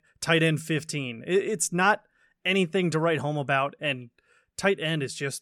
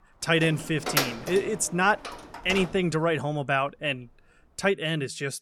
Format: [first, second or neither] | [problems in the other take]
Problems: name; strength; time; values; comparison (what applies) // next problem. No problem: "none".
first | door banging; loud; until 2.5 s; peak level with the speech